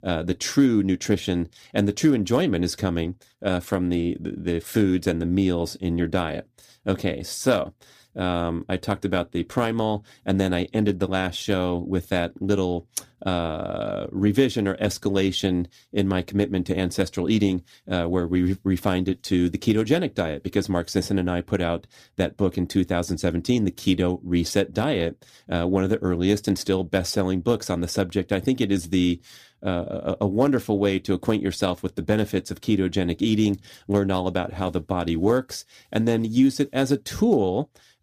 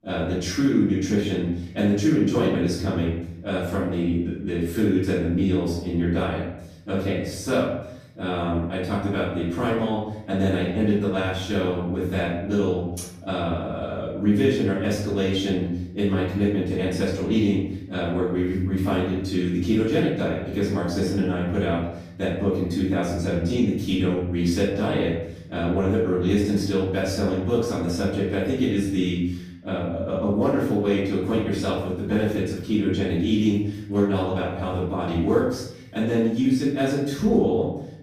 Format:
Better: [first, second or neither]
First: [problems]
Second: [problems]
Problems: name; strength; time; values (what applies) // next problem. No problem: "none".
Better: first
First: none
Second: off-mic speech; far // room echo; noticeable; dies away in 0.8 s